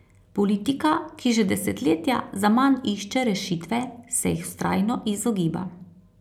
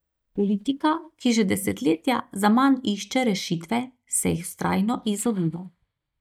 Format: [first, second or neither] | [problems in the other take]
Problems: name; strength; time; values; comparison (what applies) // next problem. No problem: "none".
first | noise reduction (neural mask model DeepFilterNet 3)